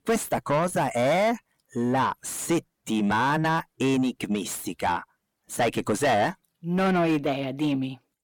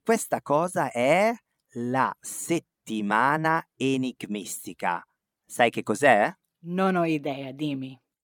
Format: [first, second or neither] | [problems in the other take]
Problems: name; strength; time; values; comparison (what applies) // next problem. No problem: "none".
second | distortion; heavy; 5 dB below the speech